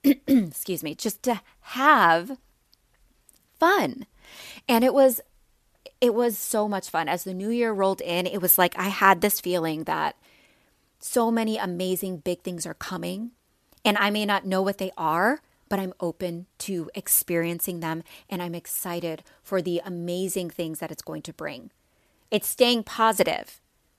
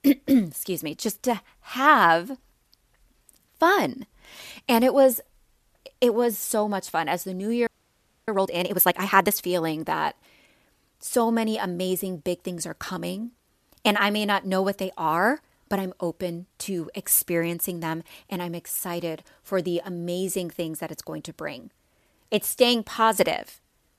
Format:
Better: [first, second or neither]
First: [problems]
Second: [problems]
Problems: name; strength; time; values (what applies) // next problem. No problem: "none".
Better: first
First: none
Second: audio freezing; at 7.5 s for 0.5 s